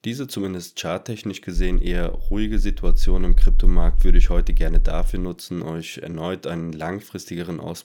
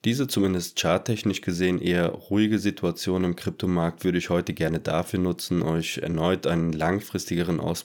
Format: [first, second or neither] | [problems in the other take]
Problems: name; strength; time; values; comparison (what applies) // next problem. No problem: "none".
second | low rumble; faint; from 1.5 to 5 s; 20 dB below the speech